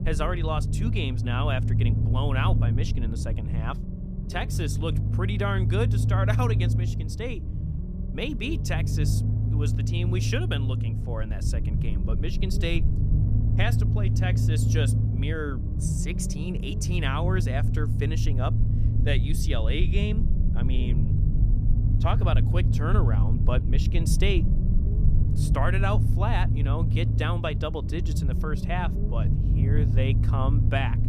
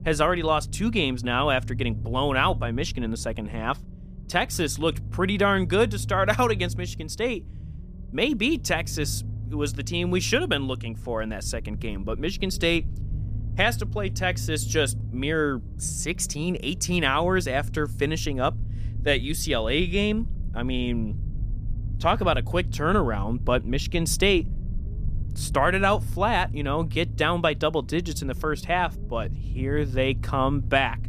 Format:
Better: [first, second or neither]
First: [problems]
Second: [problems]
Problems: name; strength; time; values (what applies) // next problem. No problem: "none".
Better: second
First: low rumble; loud; throughout; 6 dB below the speech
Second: low rumble; faint; throughout; 20 dB below the speech